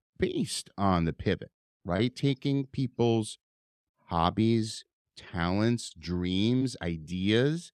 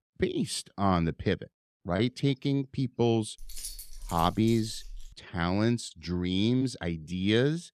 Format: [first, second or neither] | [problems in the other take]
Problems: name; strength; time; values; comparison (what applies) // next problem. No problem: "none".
first | jangling keys; faint; from 3.5 to 5 s; peak 10 dB below the speech